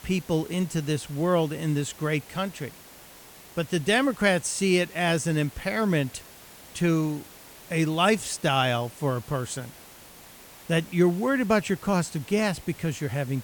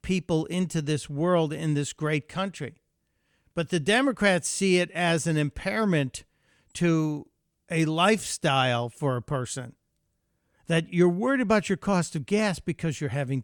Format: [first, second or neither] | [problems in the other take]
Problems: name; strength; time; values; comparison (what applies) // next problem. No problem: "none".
second | hiss; noticeable; throughout; 20 dB below the speech